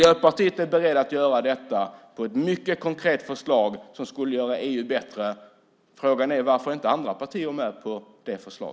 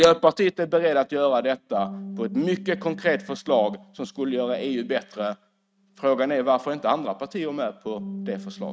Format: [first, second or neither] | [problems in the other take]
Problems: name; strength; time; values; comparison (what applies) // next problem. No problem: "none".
first | noise reduction (neural mask model RNNoise)